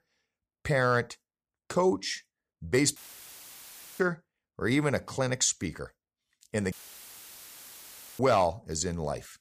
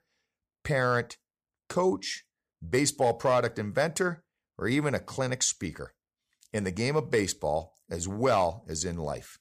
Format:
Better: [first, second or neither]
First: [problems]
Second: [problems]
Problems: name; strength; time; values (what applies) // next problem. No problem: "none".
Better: second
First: audio cutting out; filled with static; at 3 s for 1 s and at 6.5 s for 1.5 s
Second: none